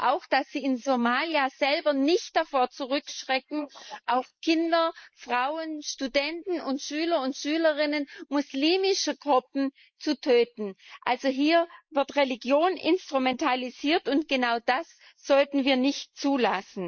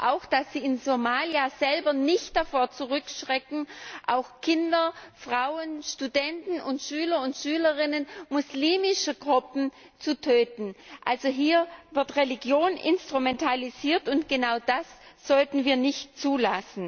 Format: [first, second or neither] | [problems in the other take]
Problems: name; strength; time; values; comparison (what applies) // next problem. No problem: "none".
second | noise reduction (neural mask model Resemble Enhance denoiser)